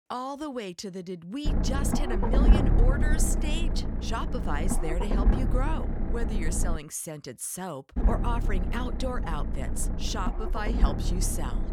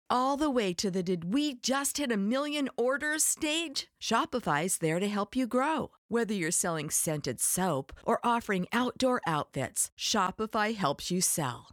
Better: second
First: low rumble; loud; from 1.5 to 7 s and from 8 s on; 3 dB below the speech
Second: none

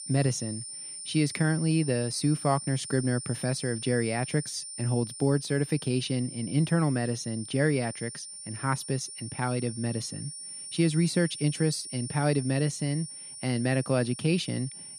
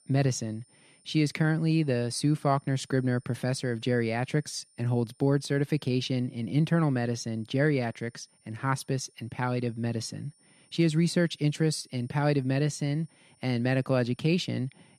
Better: second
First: high-pitched whine; loud; throughout; 9 kHz, 10 dB below the speech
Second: high-pitched whine; faint; throughout; 9 kHz, 35 dB below the speech

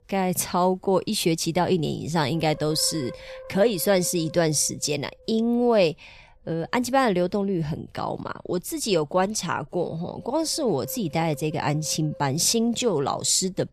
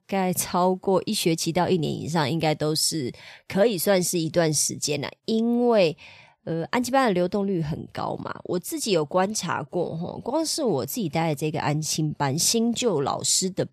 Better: second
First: wind noise on the microphone; occasional gusts; 20 dB below the speech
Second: none

